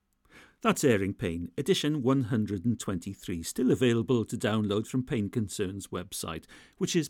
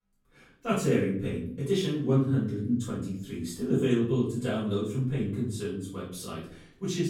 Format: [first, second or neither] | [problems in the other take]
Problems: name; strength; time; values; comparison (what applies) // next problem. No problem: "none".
first | room echo; noticeable; dies away in 0.6 s // off-mic speech; far